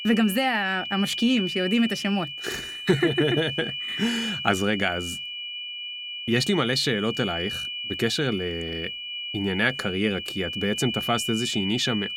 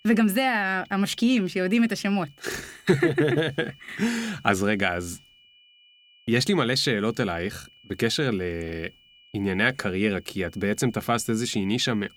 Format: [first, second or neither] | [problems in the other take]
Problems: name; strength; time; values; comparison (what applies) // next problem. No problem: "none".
second | high-pitched whine; loud; throughout; 3 kHz, 5 dB below the speech; faint in the second